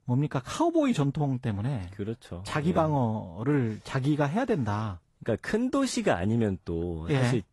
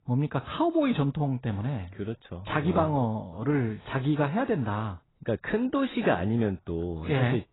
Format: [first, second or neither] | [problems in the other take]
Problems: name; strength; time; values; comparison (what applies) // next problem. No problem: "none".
first | garbled, watery; badly; nothing above 4 kHz; slightly in the first